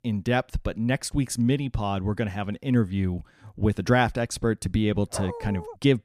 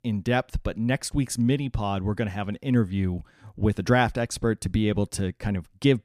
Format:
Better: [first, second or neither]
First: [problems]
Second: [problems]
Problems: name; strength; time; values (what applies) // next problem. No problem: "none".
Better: second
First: dog barking; faint; at 5 s; peak 10 dB below the speech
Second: none